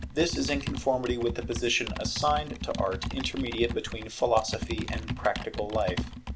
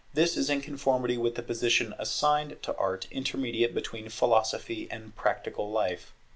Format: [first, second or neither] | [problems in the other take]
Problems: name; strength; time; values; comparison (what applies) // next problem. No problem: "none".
second | background sound (Computer keyboard); 6 dB below the speech